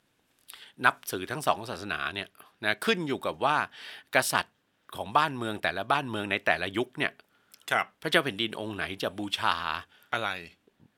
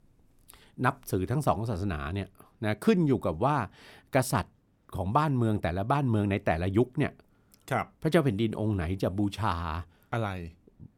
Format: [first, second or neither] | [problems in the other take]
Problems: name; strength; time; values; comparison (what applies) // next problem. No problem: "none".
second | thin; somewhat; fading below 900 Hz